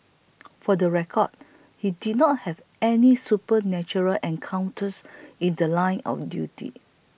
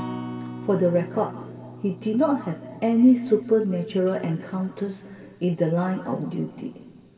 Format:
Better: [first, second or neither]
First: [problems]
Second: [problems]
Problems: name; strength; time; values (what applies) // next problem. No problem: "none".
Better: first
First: none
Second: background sound (Acoustic guitar); 16 dB below the speech // room echo; dies away in 1.8 s